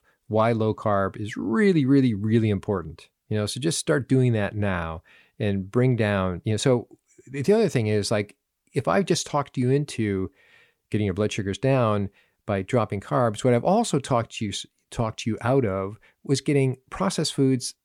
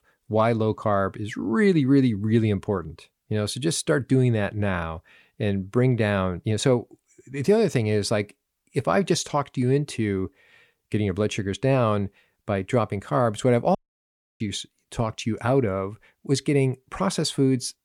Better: first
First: none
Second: audio cutting out; at 14 s for 0.5 s

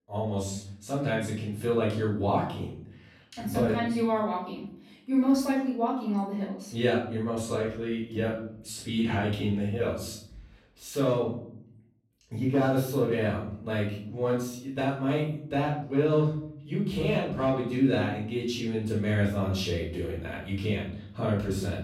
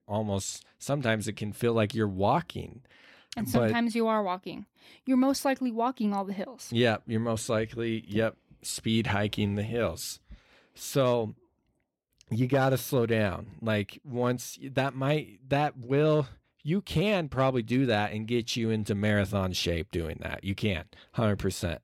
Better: second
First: off-mic speech; far // room echo; noticeable; dies away in 0.6 s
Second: none

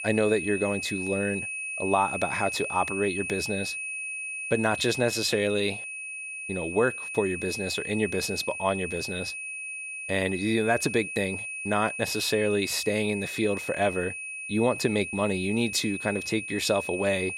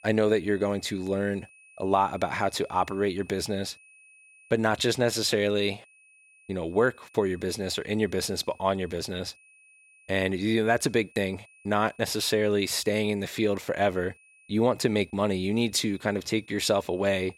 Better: second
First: high-pitched whine; loud; throughout; 2.5 kHz, 5 dB below the speech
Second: high-pitched whine; faint; throughout; 2.5 kHz, 25 dB below the speech

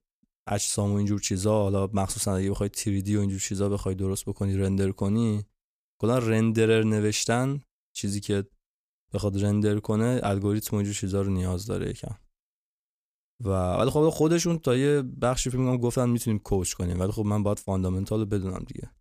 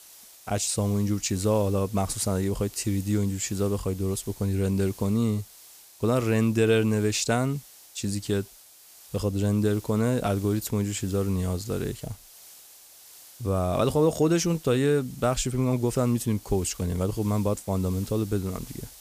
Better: first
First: none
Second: hiss; noticeable; throughout; 20 dB below the speech

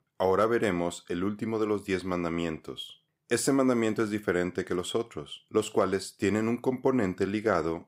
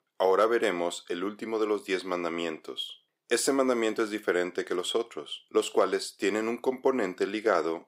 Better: first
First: none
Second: thin; very slightly; fading below 400 Hz

